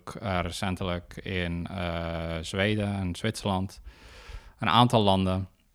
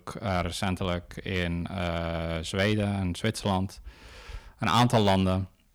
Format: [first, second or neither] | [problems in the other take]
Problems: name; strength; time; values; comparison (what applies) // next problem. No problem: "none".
first | distortion; slight; 1.5% of the sound clipped